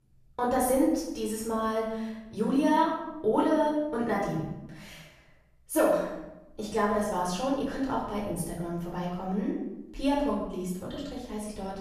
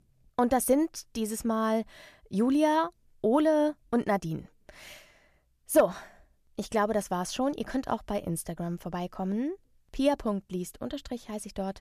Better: second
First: off-mic speech; far // room echo; noticeable; dies away in 0.8 s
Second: none

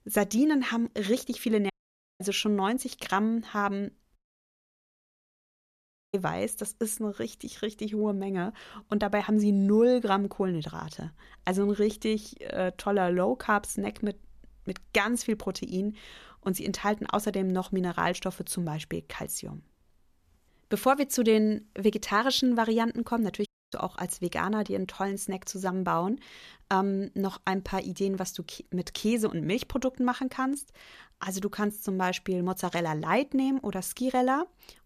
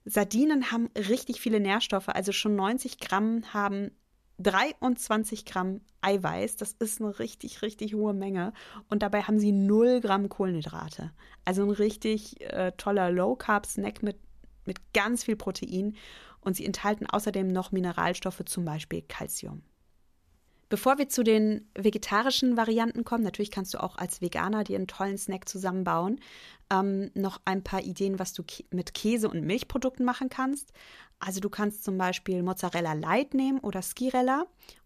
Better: second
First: audio cutting out; at 1.5 s for 0.5 s, at 4 s for 2 s and at 23 s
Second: none

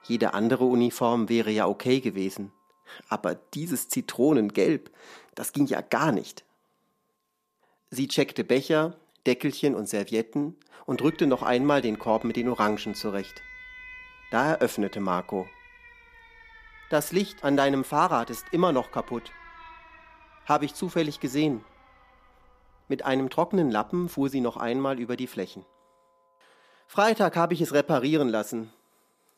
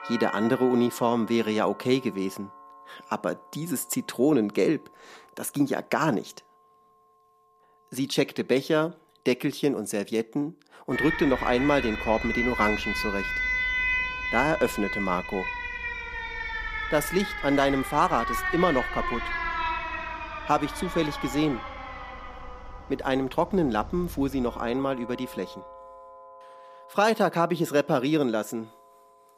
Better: first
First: alarms or sirens; faint; throughout; 25 dB below the speech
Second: alarms or sirens; loud; throughout; 5 dB below the speech

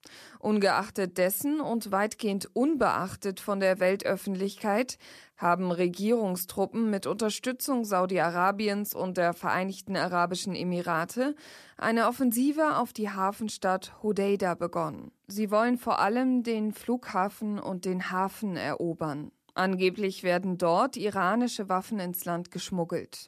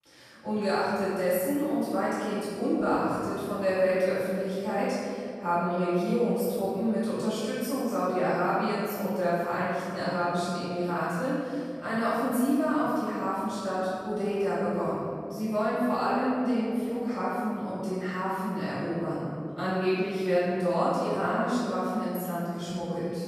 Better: first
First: none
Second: off-mic speech; far // room echo; strong; dies away in 2.8 s

